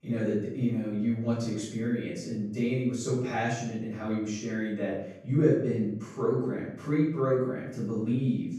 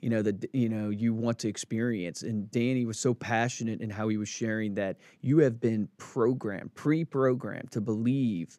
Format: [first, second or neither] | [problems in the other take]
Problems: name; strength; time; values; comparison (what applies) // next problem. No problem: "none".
second | off-mic speech; far // room echo; noticeable; dies away in 0.6 s